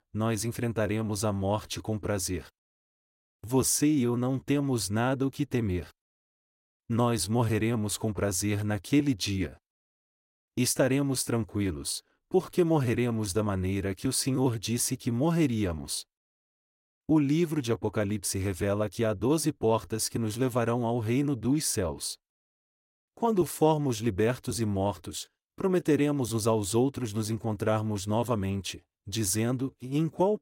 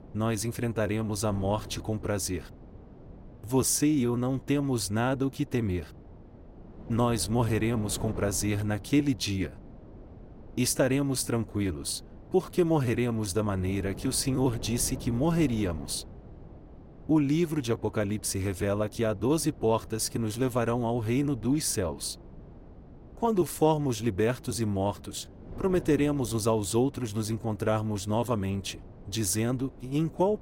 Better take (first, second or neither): first